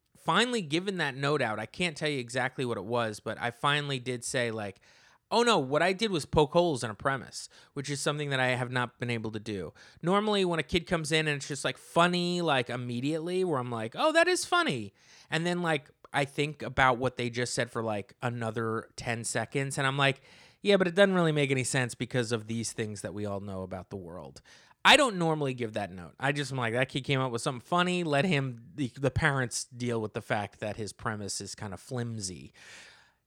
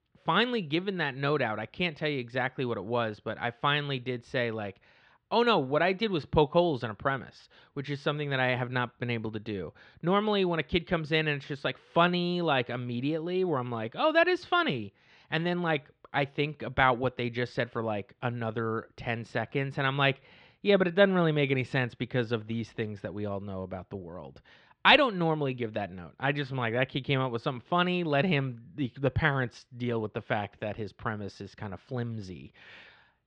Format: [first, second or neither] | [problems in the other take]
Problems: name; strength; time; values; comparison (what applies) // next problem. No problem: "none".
first | muffled; slightly; fading above 3.5 kHz